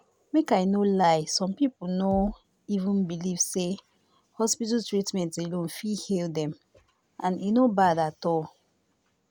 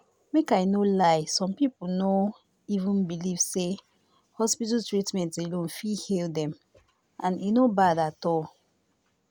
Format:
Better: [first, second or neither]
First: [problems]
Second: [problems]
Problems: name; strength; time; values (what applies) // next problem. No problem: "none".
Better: second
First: background sound (Bass drum); 12 dB below the speech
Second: none